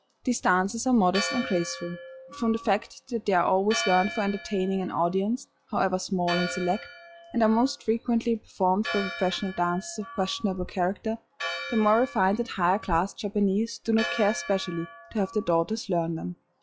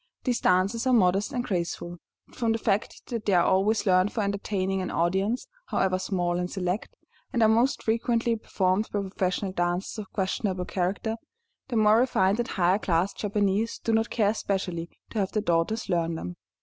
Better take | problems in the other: second | noise reduction (classical method log-MMSE)

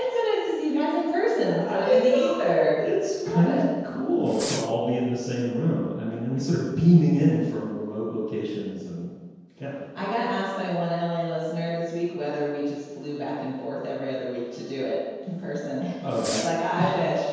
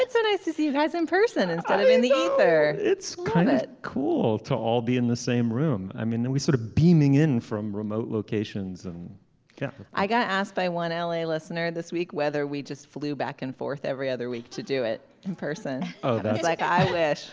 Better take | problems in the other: second | background sound (Fireworks); 13 dB below the speech // room echo; dies away in 1.2 s

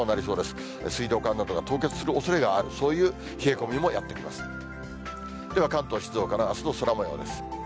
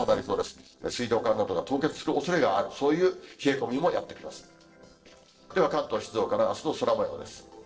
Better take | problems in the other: first | noise reduction (neural separator model SepFormer DNS4)

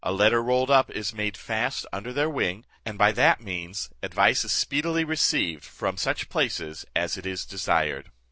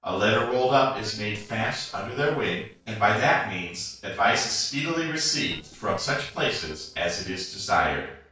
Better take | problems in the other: first | noise reduction (neural separator model SepFormer DNS4)

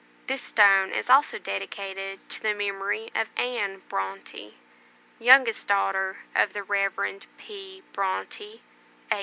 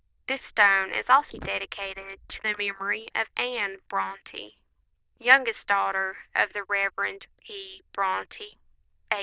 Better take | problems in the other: first | noise reduction (neural diffusion model UNIVERSE++)

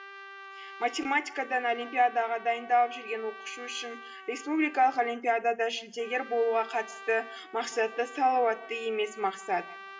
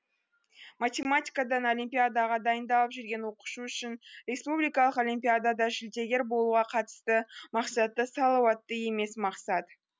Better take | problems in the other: second | background sound (Trumpet); 16 dB below the speech // room echo; dies away in 0.8 s

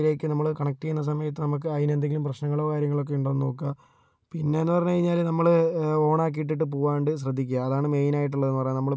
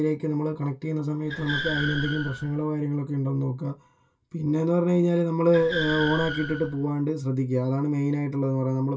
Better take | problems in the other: first | background sound (Car); 8 dB below the speech // room echo; dies away in 0.2 s

